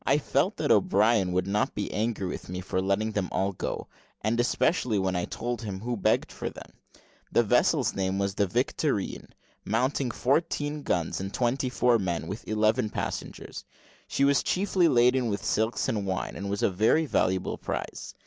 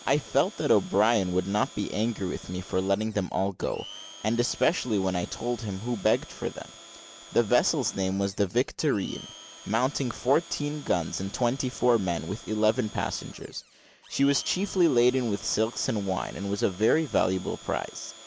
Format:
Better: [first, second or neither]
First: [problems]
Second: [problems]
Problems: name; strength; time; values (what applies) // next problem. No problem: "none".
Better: first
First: none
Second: background sound (Domestic sounds, home sounds); 19 dB below the speech